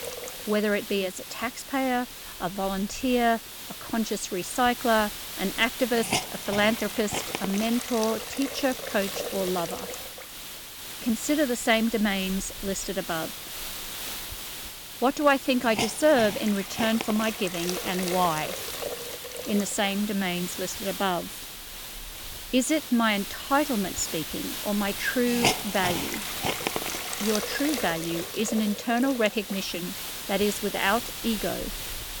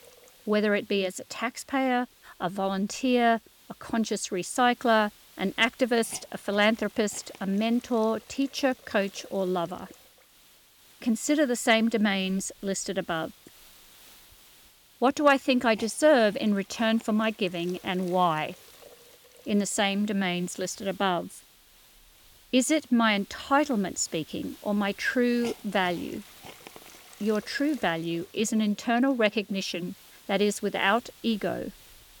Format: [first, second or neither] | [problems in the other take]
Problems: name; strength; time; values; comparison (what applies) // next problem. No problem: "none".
second | hiss; loud; throughout; 6 dB below the speech; faint in the second